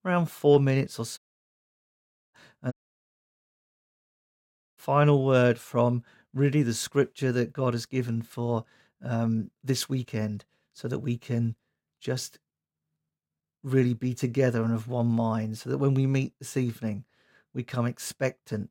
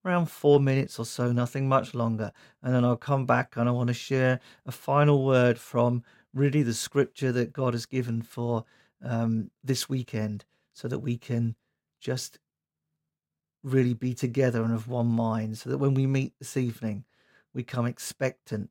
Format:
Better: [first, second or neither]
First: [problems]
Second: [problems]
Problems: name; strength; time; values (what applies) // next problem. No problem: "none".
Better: second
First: audio cutting out; at 1 s for 1 s and at 2.5 s for 2 s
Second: none